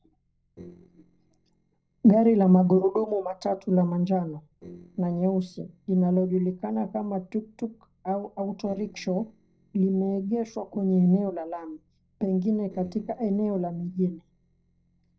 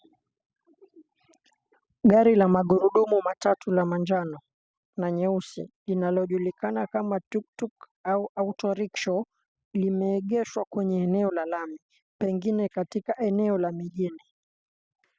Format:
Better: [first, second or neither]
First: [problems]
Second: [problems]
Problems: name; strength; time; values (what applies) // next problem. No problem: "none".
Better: second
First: noise reduction (neural separator model SepFormer DNS4)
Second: none